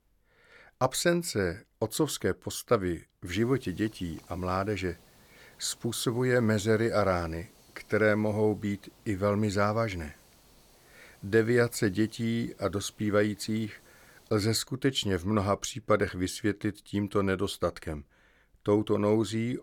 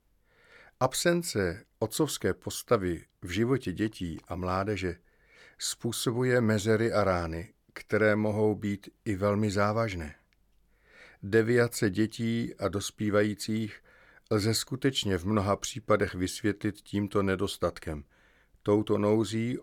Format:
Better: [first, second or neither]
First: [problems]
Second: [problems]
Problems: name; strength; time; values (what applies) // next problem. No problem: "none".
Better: second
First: hiss; faint; from 3.5 to 14 s; 30 dB below the speech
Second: none